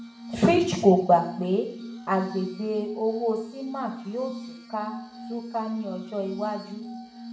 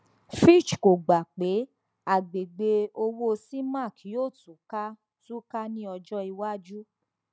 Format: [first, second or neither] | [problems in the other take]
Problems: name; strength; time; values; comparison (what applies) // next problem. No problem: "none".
second | background sound (Glass); 12 dB below the speech // room echo; dies away in 0.7 s